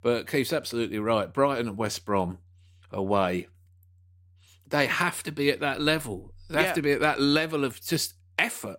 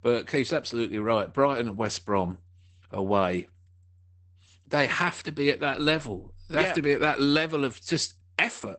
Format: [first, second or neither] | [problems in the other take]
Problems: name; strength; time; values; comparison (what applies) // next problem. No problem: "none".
first | garbled, watery; badly; nothing above 8 kHz